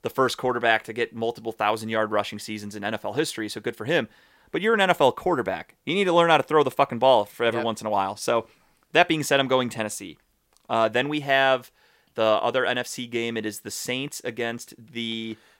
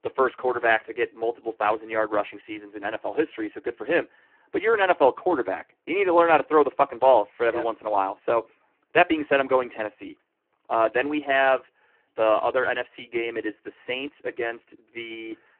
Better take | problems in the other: first | phone-call audio; poor line

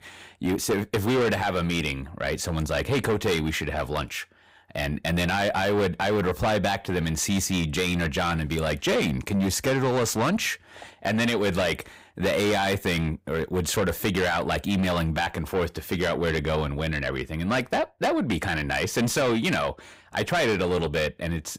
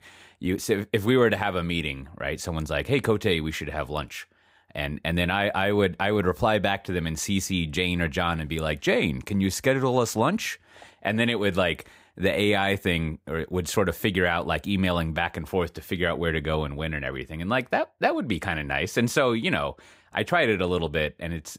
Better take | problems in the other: second | distortion; heavy; 7 dB below the speech

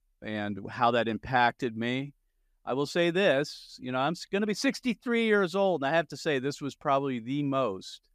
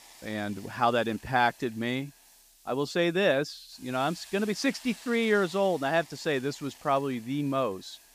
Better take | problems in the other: first | hiss; faint; throughout; 20 dB below the speech

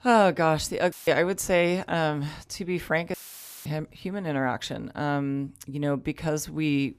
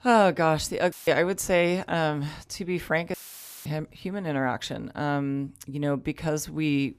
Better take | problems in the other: neither | audio cutting out; filled with static; at 1 s and at 3 s for 0.5 s; the same in both

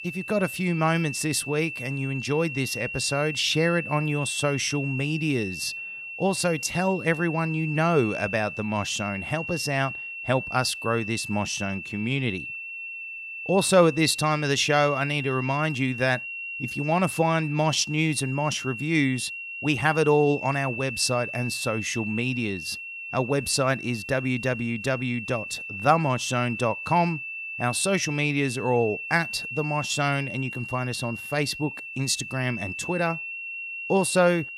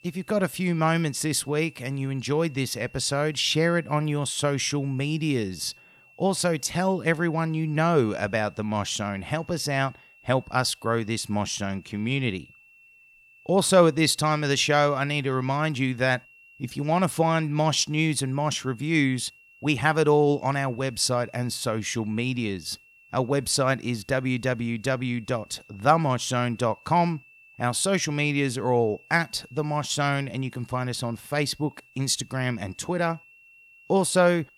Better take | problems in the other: second | high-pitched whine; loud; throughout; 2.5 kHz, 8 dB below the speech; faint in the second

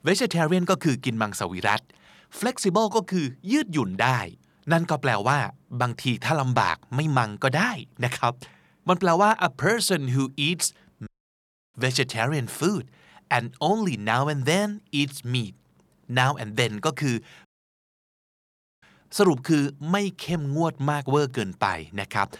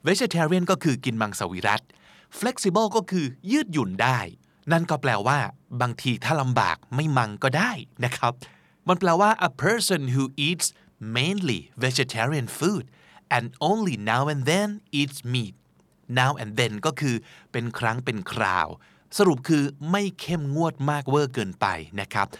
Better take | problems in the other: second | audio cutting out; at 11 s for 0.5 s and at 17 s for 1.5 s

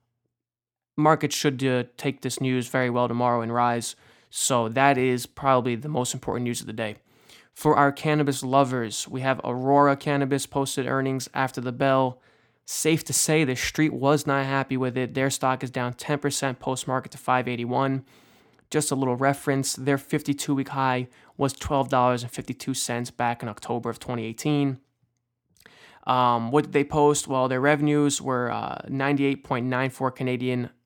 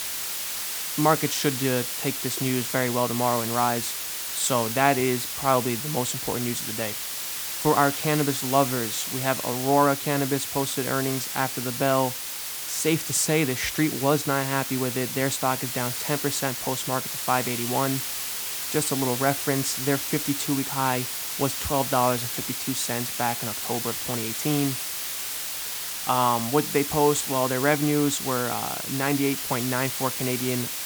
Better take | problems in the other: first | hiss; loud; throughout; 3 dB below the speech

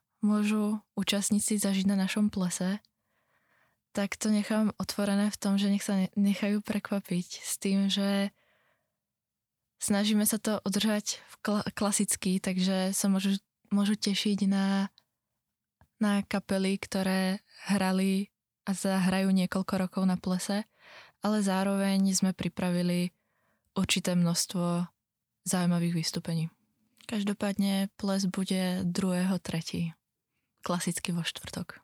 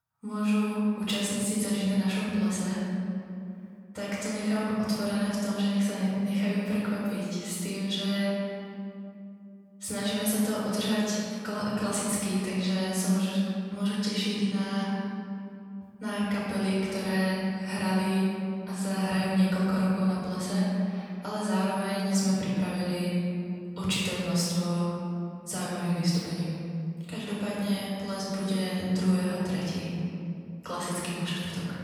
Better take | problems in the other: first | off-mic speech; far // room echo; strong; dies away in 2.3 s

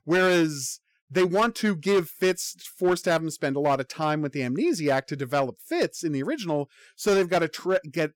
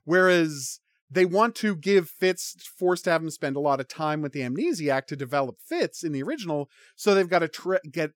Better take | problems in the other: second | distortion; slight; 6% of the sound clipped

